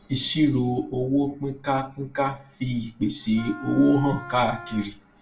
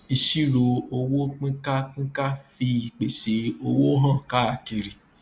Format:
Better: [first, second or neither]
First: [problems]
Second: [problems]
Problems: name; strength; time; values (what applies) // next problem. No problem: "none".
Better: second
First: background sound (Wind instrument, woodwind instrument); 16 dB below the speech // room echo; dies away in 0.2 s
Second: none